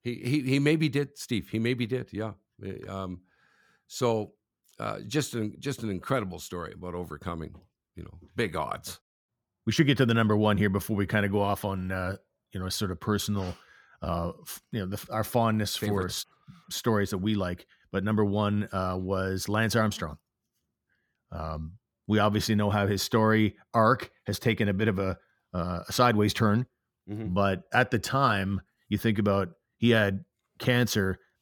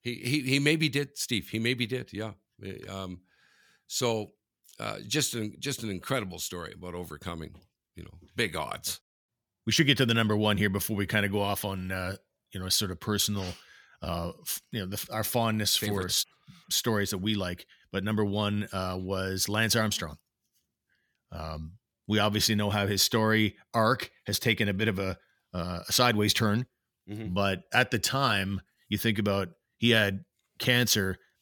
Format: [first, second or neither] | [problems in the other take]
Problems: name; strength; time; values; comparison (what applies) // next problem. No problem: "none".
second | muffled; slightly; fading above 1.5 kHz